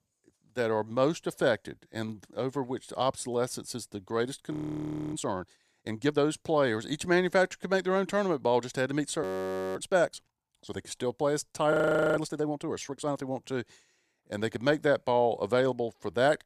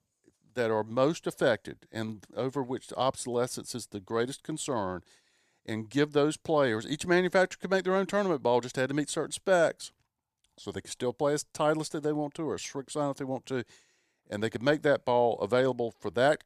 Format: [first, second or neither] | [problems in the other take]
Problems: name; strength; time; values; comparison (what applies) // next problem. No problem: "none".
second | audio freezing; at 4.5 s for 0.5 s, at 9 s for 0.5 s and at 12 s